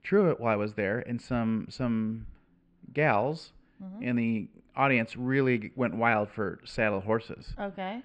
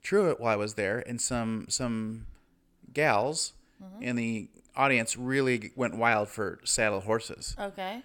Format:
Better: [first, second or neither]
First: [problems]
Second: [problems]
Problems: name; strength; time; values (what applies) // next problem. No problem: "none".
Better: second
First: muffled; very; fading above 3 kHz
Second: none